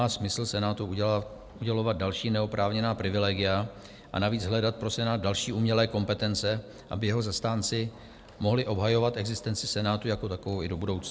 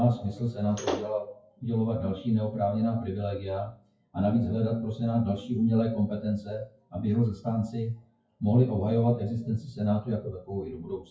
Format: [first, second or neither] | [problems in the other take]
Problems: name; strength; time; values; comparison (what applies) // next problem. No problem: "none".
first | noise reduction (classical method WPE with log-MMSE)